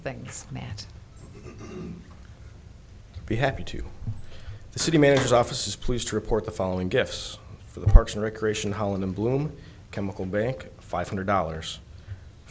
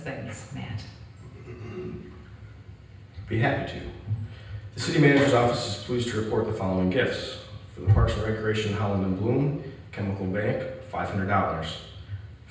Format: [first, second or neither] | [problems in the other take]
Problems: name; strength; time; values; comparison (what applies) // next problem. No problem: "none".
first | room echo; dies away in 0.9 s